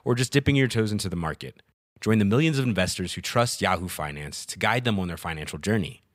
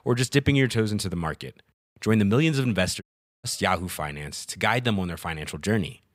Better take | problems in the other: first | audio cutting out; at 3 s

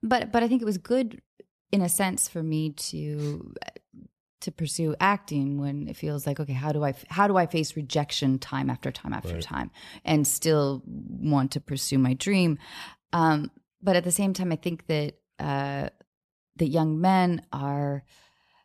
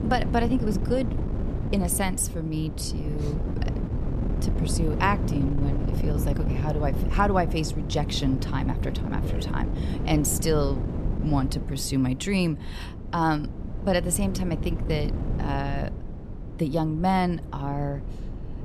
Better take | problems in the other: first | wind noise on the microphone; heavy; 10 dB below the speech

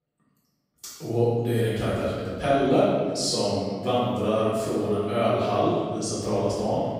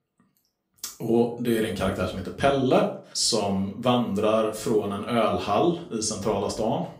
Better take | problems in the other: second | room echo; strong; dies away in 1.6 s; slight in the second // off-mic speech; far; far in the second

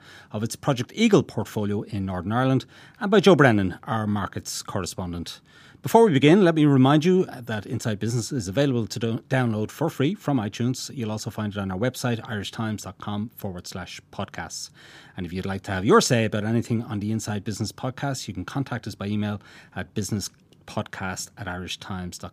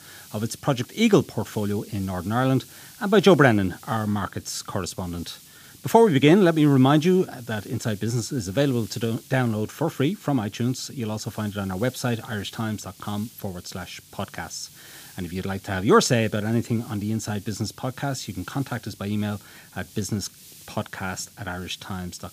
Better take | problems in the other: first | hiss; faint; throughout; 20 dB below the speech

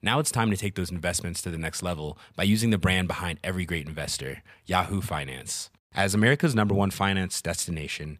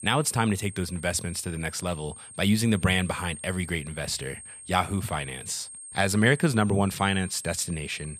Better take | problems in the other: first | high-pitched whine; noticeable; throughout; 8.5 kHz, 15 dB below the speech

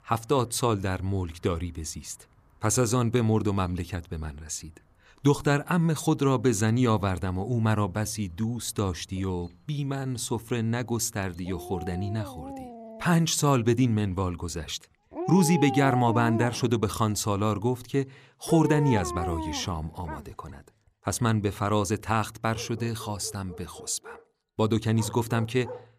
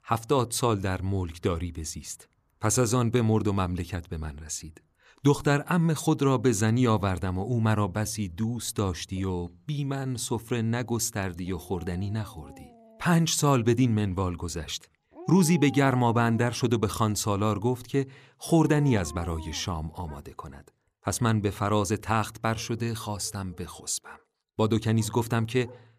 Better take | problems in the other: second | animal sounds; loud; throughout; 10 dB below the speech; faint in the second

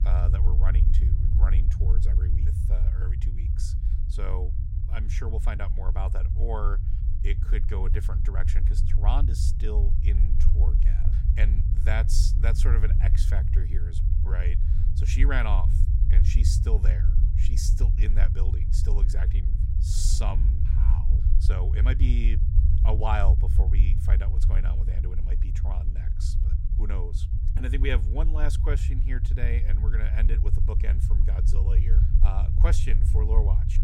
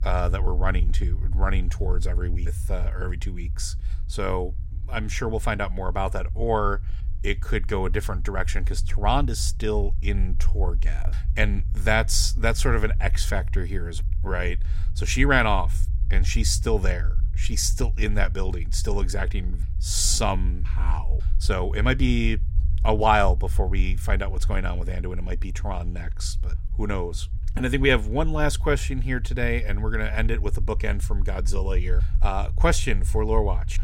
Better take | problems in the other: second | low rumble; loud; throughout; 6 dB below the speech; faint in the second

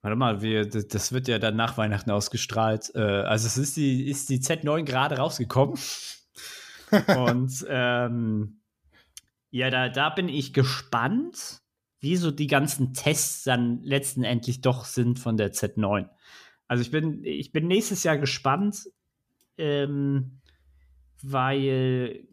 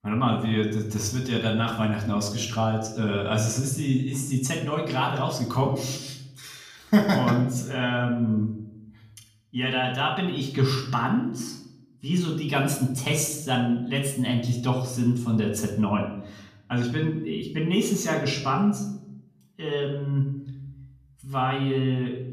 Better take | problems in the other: first | room echo; slight; dies away in 0.7 s // off-mic speech; far

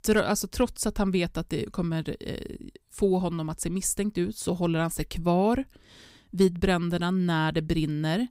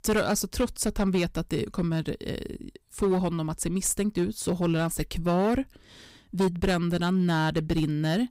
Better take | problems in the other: first | distortion; slight; 6% of the sound clipped

